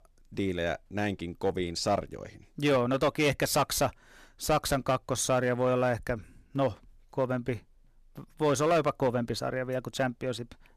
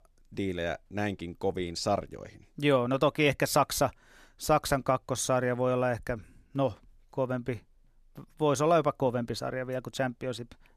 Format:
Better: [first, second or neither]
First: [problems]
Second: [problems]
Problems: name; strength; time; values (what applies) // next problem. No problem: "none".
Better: second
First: distortion; slight; 5% of the sound clipped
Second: none